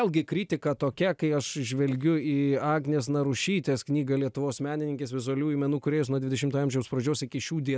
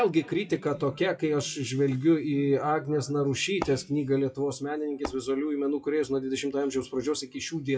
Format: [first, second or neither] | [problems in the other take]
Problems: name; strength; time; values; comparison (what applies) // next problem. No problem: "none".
first | noise reduction (classical method WPE with log-MMSE)